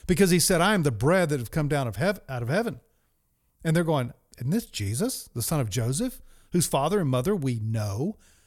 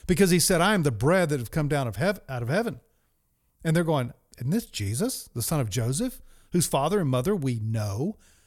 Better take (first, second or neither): neither